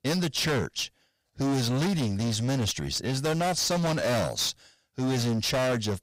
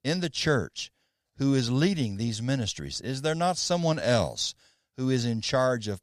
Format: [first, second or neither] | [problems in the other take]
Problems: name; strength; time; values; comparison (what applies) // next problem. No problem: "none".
second | distortion; heavy; 29% of the sound clipped